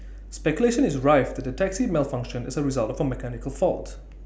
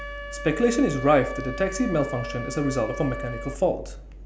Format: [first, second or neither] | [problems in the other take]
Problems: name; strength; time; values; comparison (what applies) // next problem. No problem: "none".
first | background sound (Wind instrument, woodwind instrument); 11 dB below the speech